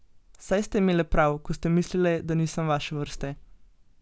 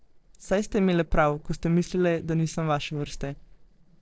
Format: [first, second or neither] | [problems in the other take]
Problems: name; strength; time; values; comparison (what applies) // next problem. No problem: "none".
first | noise reduction (neural separator model SepFormer DNS4)